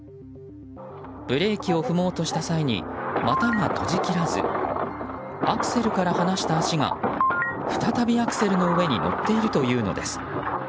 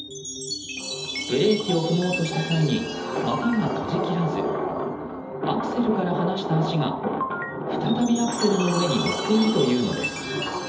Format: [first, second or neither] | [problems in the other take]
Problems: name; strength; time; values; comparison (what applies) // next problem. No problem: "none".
first | background sound (Chime); 12 dB below the speech // room echo; dies away in 1.2 s